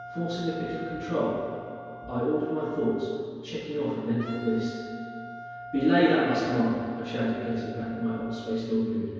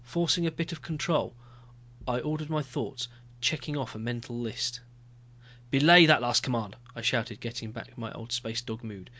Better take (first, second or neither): second